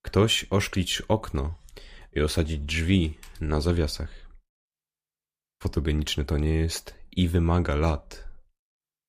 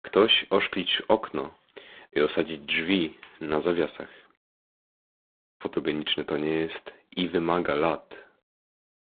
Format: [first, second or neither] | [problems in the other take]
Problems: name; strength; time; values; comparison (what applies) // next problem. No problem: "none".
first | phone-call audio; poor line